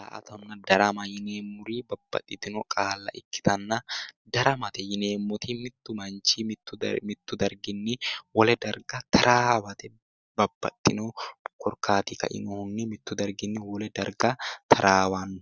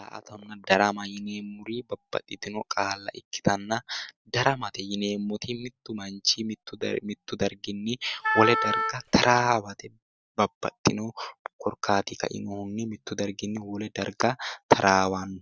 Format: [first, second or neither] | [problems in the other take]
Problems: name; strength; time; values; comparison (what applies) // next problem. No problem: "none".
first | background sound (Wind instrument, woodwind instrument); 1 dB below the speech